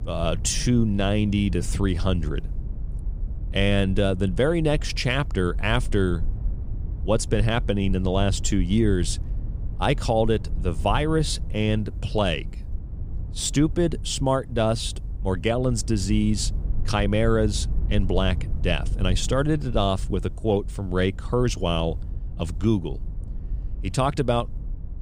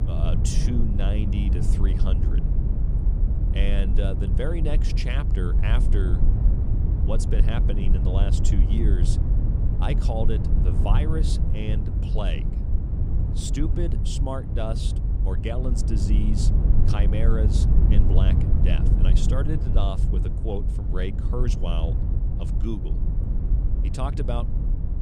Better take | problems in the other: first | low rumble; loud; throughout; 4 dB below the speech; faint in the first

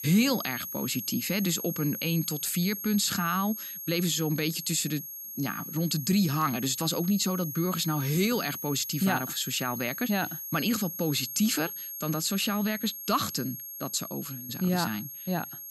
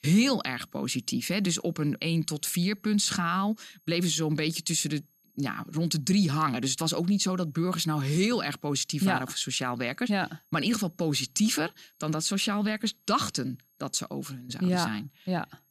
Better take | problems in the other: second | high-pitched whine; loud; throughout; 11.5 kHz, 7 dB below the speech; faint in the second

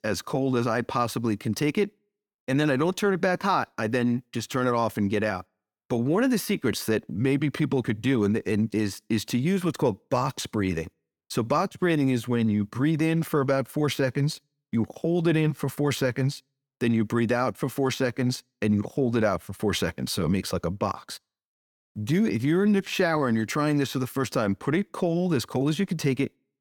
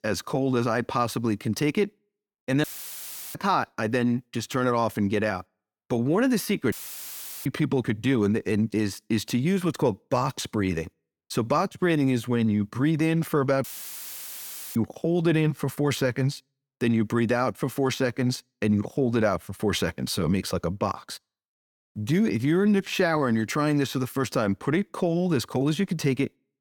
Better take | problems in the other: first | audio cutting out; filled with static; at 2.5 s for 0.5 s, at 6.5 s for 0.5 s and at 14 s for 1 s

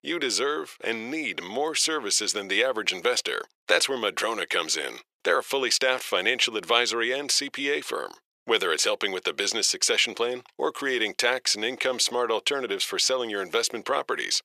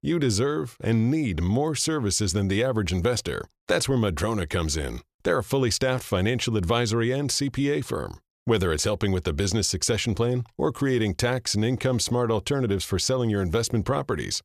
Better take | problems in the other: second | thin; very; fading below 400 Hz

